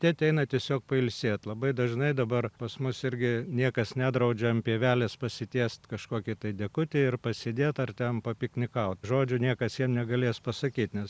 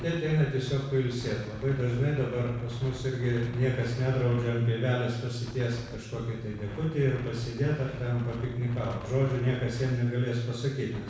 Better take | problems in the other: first | background sound (Wind); 16 dB below the speech // room echo; dies away in 1 s

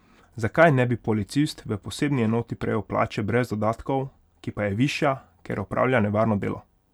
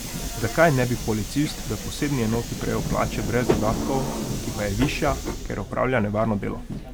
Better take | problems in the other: first | background sound (Subway, metro, underground); 4 dB below the speech

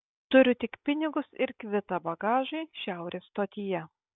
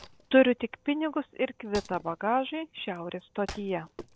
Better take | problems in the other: first | background sound (Wood); 19 dB below the speech

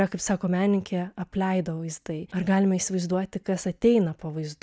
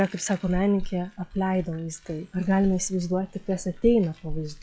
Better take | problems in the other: first | noise reduction (classical method log-MMSE)

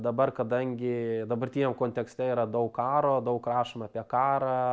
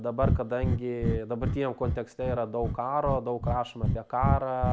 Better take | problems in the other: first | background sound (Breathing); as loud as the speech

